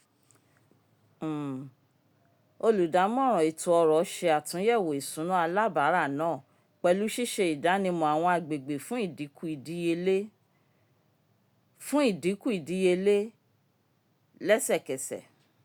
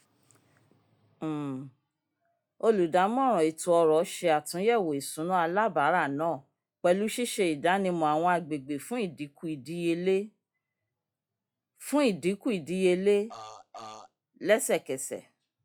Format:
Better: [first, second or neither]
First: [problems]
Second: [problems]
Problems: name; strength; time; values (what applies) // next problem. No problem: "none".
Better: first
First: none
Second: noise reduction (classical method log-MMSE)